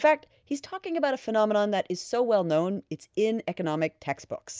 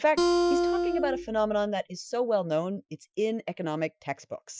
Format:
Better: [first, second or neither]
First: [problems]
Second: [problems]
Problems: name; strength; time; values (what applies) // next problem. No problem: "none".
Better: first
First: none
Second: noise reduction (classical method Wiener filter)